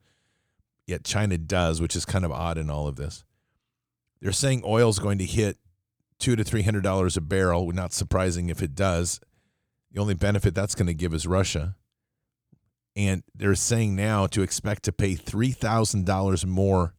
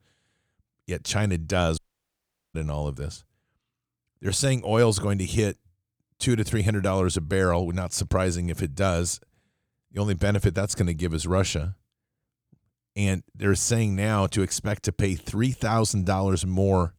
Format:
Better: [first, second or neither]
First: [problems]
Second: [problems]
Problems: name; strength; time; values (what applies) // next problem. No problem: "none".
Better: first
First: none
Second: audio cutting out; at 2 s for 1 s